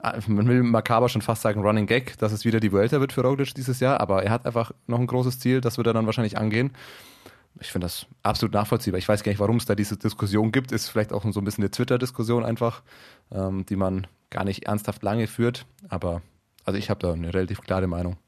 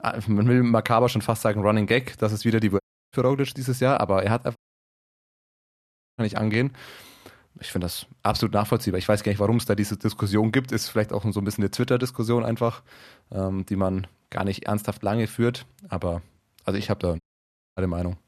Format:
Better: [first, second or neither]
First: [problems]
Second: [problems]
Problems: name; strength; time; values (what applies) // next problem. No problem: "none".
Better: first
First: none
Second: audio cutting out; at 3 s, at 4.5 s for 1.5 s and at 17 s for 0.5 s